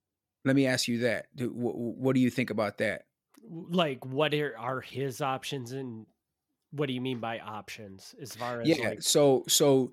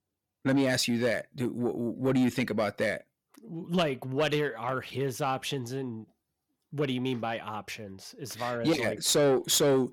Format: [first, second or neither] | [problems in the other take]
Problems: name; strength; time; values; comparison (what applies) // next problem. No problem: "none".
first | distortion; slight; 10 dB below the speech